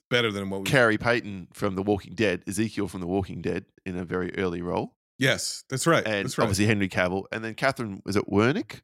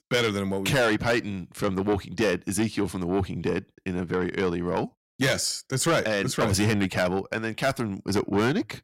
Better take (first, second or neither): first